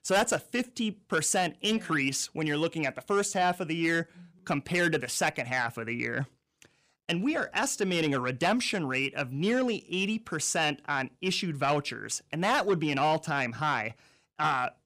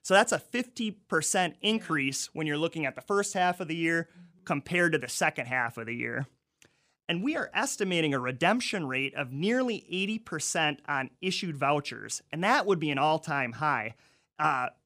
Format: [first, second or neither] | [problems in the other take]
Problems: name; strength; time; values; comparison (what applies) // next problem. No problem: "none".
second | distortion; slight; 10 dB below the speech